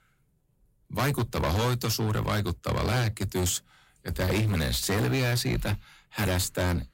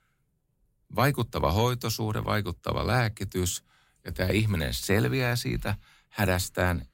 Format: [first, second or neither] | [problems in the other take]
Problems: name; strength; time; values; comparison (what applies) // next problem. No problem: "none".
second | distortion; heavy; 20% of the sound clipped